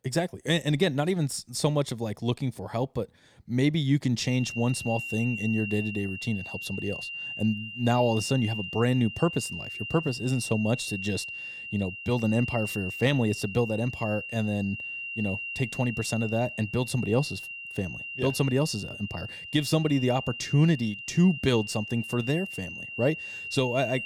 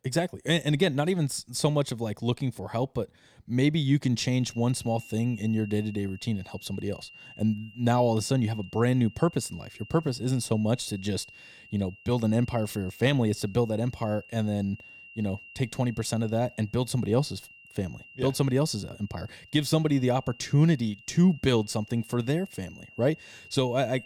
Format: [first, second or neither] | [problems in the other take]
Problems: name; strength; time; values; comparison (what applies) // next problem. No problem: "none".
second | high-pitched whine; loud; from 4.5 s on; 3 kHz, 7 dB below the speech; faint in the second